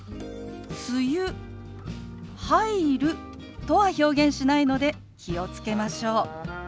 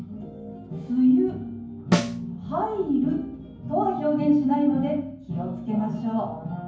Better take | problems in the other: first | background sound (Snare drum); 6 dB below the speech // room echo; dies away in 0.9 s

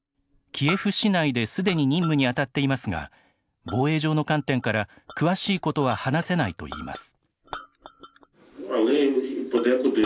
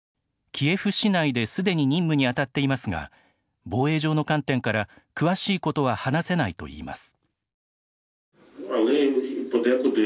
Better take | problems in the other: second | background sound (Chink, clink); 19 dB below the speech

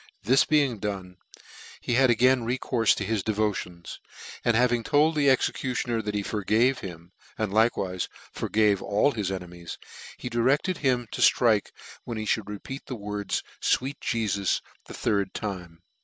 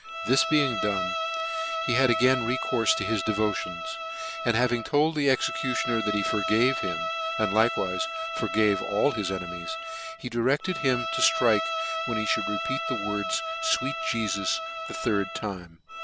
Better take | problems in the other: first | background sound (Bowed string instrument); 3 dB below the speech

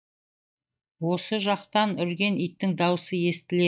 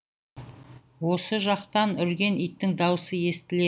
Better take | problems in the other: second | noise reduction (neural mask model DeepFilterNet 3)

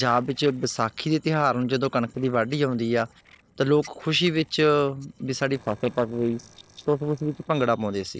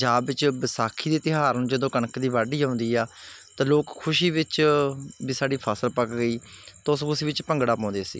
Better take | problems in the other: second | noise reduction (neural separator model SepFormer DNS4)

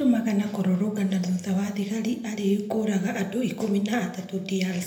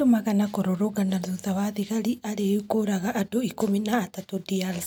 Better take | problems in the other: second | room echo; dies away in 0.7 s

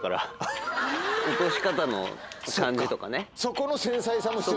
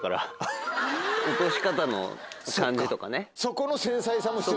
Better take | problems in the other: second | background sound (Clock); 18 dB below the speech

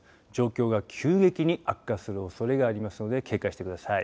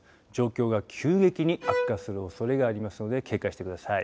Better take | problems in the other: first | background sound (Bowed string instrument); 8 dB below the speech

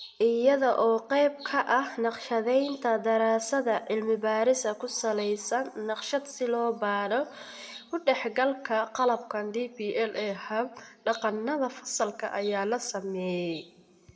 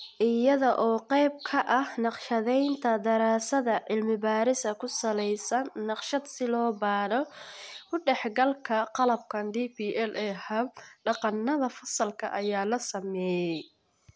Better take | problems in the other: second | room echo; dies away in 1.7 s

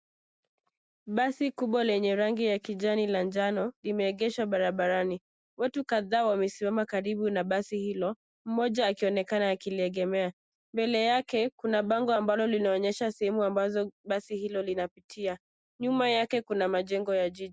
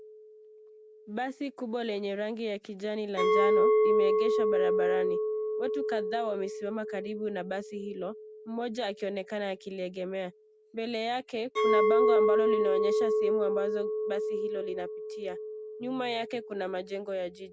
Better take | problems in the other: first | background sound (Chink, clink); 5 dB above the speech

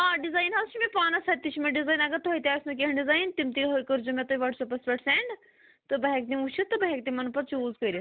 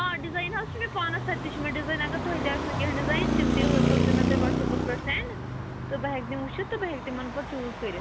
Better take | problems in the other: first | background sound (Traffic noise, roadway noise); 4 dB above the speech

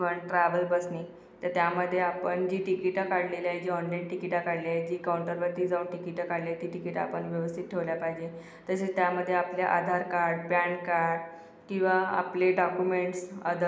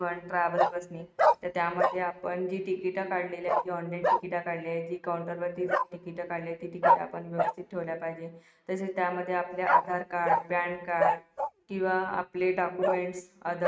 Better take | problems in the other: first | noise reduction (neural mask model RNNoise)

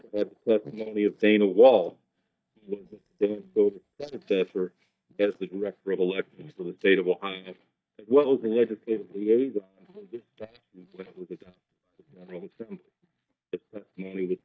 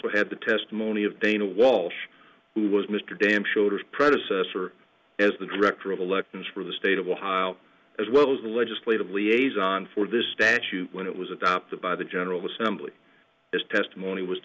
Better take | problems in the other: second | noise reduction (neural mask model DeepFilterNet 3)

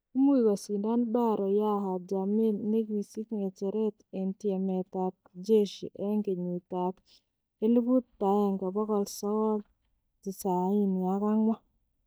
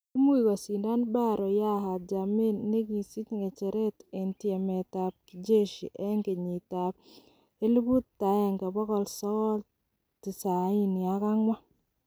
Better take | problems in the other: second | noise reduction (neural mask model DeepFilterNet 3)

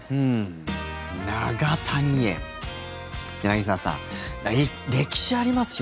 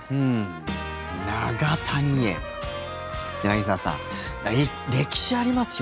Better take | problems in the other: first | background sound (Trumpet); 12 dB below the speech

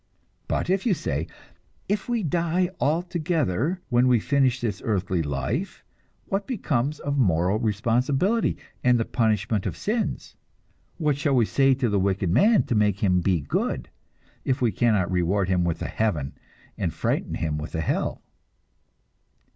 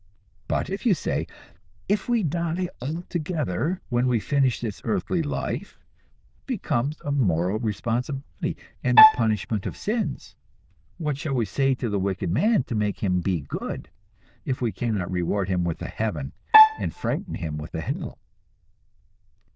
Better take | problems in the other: first | noise reduction (neural diffusion model UNIVERSE++)

